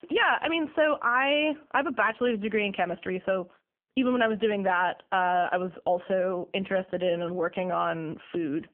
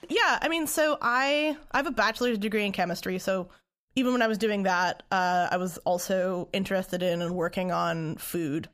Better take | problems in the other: second | phone-call audio; poor line; nothing above 3 kHz

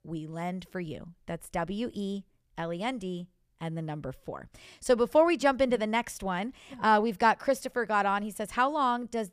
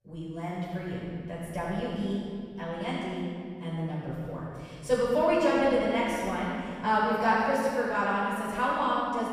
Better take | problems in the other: first | room echo; strong; dies away in 2.4 s // off-mic speech; far

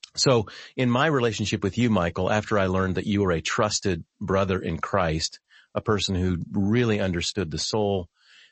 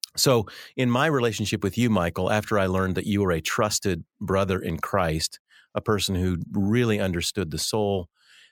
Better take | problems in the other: second | garbled, watery; slightly; nothing above 7.5 kHz

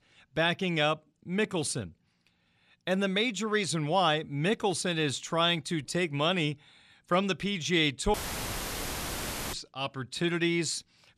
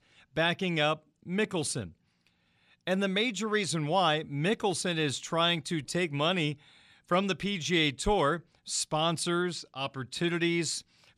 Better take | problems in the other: second | audio cutting out; filled with static; at 8 s for 1.5 s

